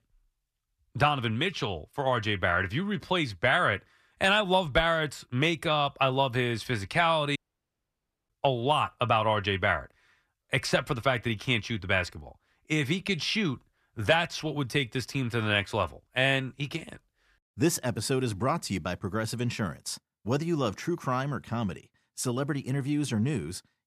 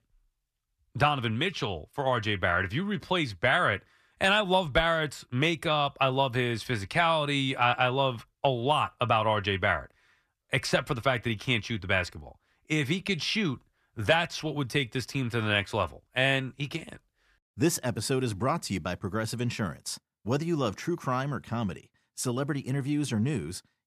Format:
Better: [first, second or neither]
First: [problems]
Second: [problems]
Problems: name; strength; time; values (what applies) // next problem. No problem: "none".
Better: second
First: audio cutting out; at 7.5 s for 1 s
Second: none